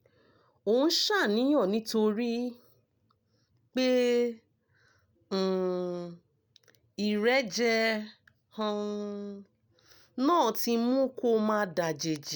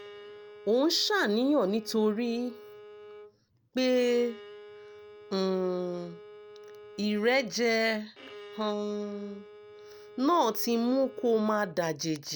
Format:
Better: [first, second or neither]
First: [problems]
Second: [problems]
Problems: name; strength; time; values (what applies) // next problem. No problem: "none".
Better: first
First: none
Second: background sound (Bowed string instrument); 19 dB below the speech